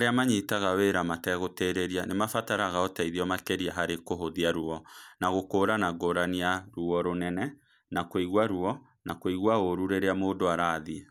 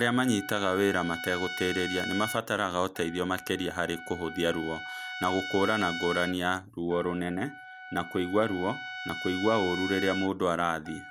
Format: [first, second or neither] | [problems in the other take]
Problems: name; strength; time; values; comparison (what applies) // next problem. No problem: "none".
first | background sound (Trumpet); 9 dB below the speech